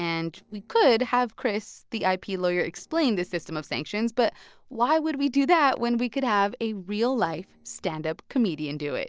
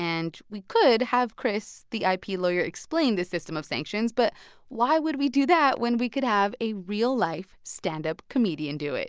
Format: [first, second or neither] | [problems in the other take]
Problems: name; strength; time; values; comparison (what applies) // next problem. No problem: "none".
second | noise reduction (neural separator model SepFormer DNS4)